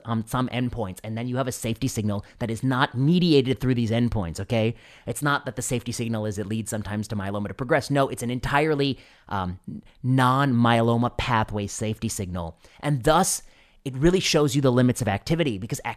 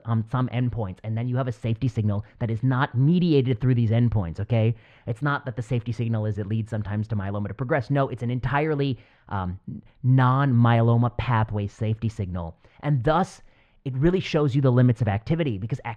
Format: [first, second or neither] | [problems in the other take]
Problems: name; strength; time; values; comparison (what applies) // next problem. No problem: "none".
first | muffled; slightly; fading above 2.5 kHz